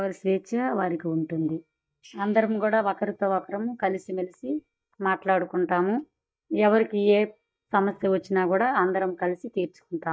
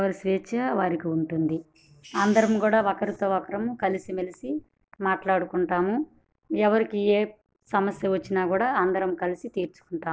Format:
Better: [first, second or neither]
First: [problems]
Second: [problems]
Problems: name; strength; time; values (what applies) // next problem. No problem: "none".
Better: second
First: noise reduction (neural mask model DeepFilterNet 3)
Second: none